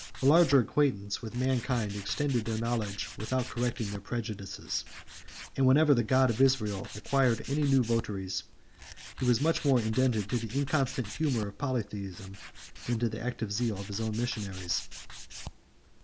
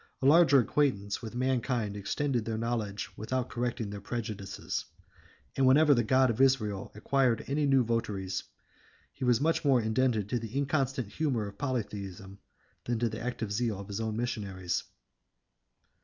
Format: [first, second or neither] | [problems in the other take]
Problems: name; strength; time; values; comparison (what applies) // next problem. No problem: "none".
second | background sound (Tools); 14 dB below the speech